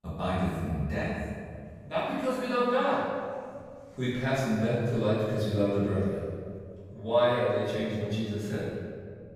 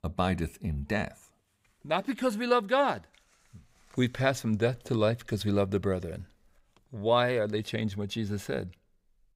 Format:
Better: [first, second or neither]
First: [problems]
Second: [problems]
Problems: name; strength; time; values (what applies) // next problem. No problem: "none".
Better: second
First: off-mic speech; far // room echo; strong; dies away in 1.8 s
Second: none